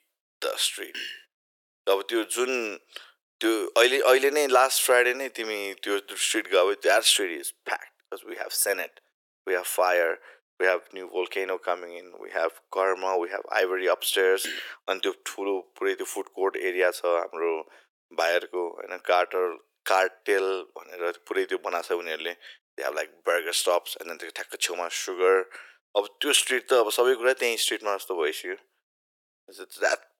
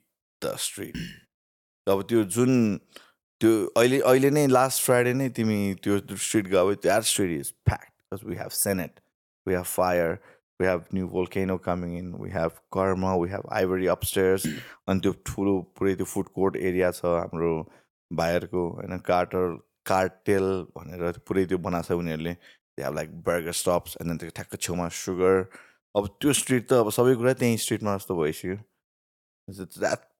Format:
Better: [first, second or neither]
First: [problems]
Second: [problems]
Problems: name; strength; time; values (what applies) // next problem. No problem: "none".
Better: second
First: thin; very; fading below 350 Hz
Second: none